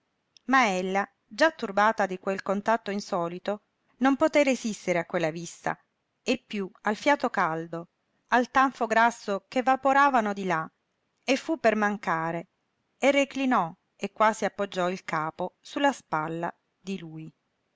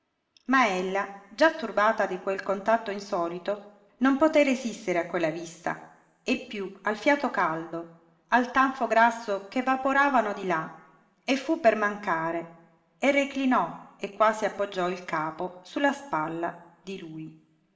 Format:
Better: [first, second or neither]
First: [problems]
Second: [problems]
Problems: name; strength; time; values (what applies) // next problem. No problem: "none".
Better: first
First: none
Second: room echo; dies away in 1 s